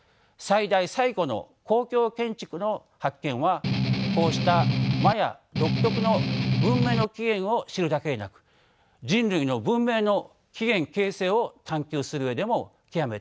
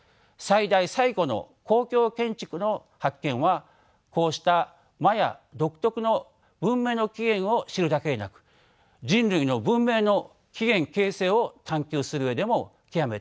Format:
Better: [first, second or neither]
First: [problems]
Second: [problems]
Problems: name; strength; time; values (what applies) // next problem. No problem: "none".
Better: second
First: background sound (Strum); 2 dB above the speech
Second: none